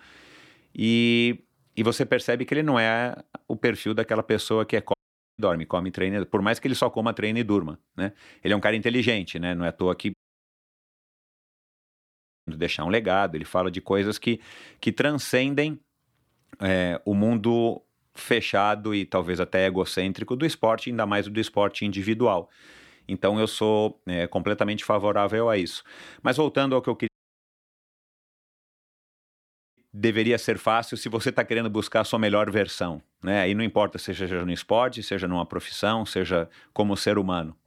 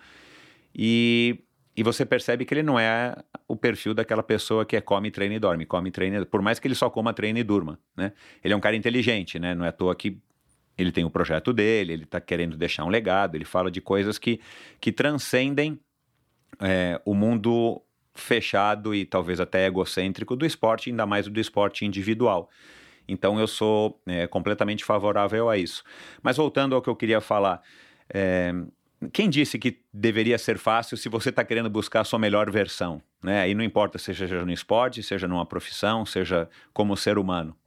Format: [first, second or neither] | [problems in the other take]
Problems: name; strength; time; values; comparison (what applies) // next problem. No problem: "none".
second | audio cutting out; at 5 s, at 10 s for 2.5 s and at 27 s for 2.5 s